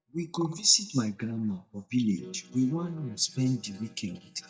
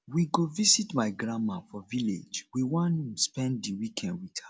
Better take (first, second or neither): second